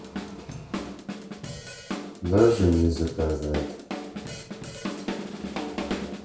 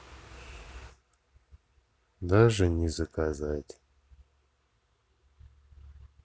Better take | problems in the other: second | background sound (Drum kit); 7 dB below the speech // room echo; dies away in 0.6 s

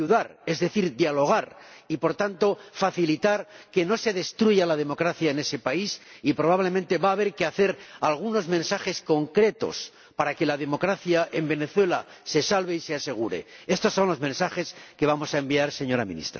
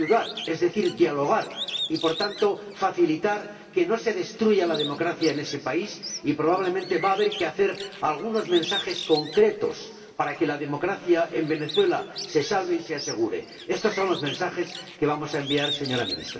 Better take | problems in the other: first | background sound (Bird); 12 dB below the speech // room echo; dies away in 1.6 s

